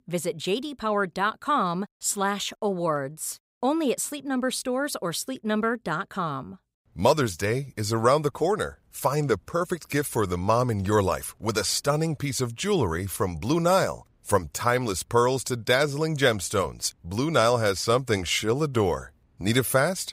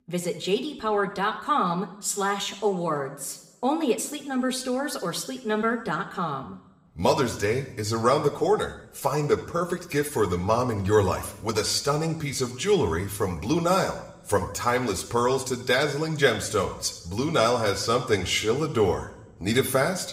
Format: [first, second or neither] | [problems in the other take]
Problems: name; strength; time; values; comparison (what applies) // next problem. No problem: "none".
first | room echo; very slight; dies away in 0.8 s